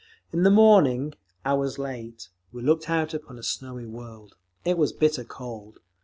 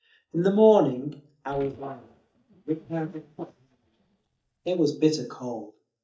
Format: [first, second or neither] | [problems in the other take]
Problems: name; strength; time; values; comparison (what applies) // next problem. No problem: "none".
first | noise reduction (neural mask model DeepFilterNet 3)